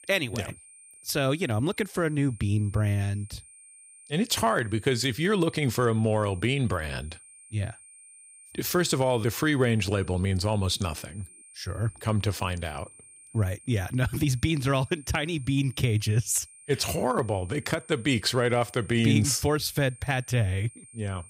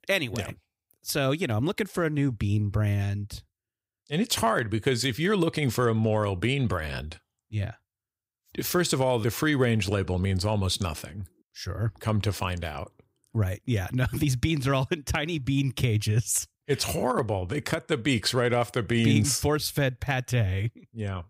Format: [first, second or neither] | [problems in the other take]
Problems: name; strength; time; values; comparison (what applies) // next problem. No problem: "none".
second | high-pitched whine; faint; throughout; 9 kHz, 20 dB below the speech